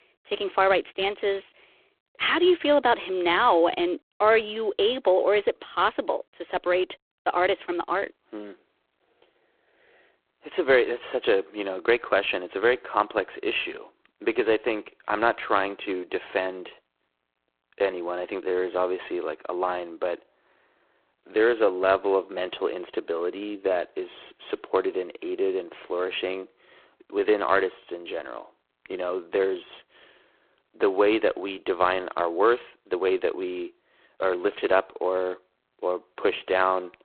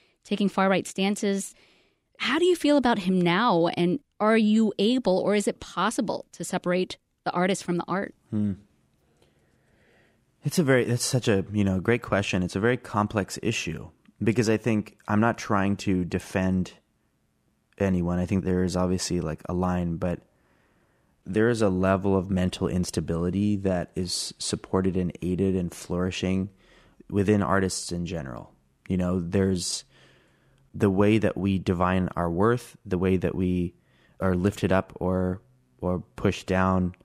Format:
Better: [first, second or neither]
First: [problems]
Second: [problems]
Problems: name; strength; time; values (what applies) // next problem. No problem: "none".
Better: second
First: phone-call audio; poor line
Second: none